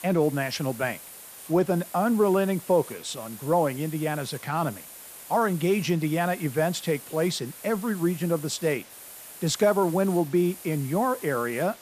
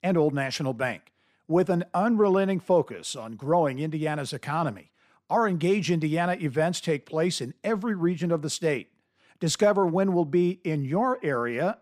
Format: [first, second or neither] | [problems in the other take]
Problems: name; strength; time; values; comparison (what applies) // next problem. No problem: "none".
second | hiss; noticeable; throughout; 15 dB below the speech